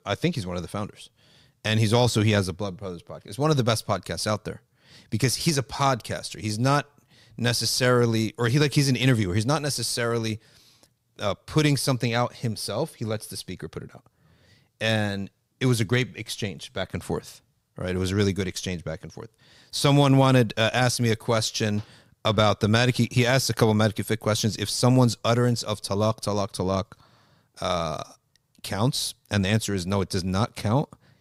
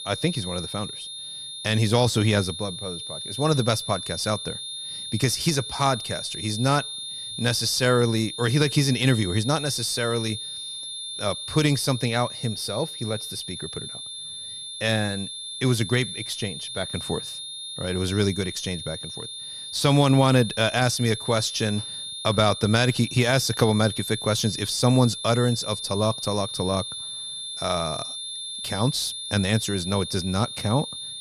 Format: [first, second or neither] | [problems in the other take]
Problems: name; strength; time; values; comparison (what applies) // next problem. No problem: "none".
first | high-pitched whine; loud; throughout; 3.5 kHz, 8 dB below the speech